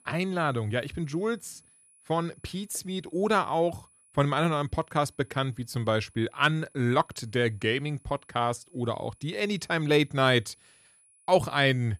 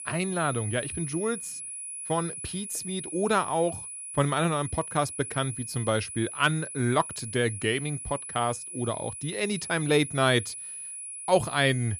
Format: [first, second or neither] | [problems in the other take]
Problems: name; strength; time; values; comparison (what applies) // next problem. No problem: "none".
first | high-pitched whine; loud; throughout; 10 kHz, 8 dB below the speech; faint in the first